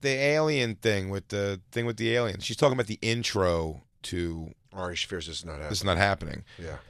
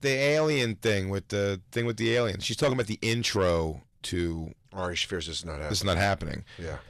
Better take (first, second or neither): first